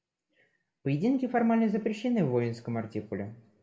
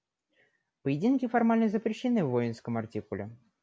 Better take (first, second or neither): second